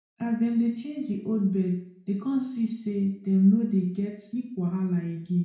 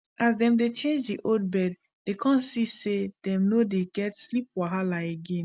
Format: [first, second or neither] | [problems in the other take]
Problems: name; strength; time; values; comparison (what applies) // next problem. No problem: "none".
second | room echo; dies away in 0.6 s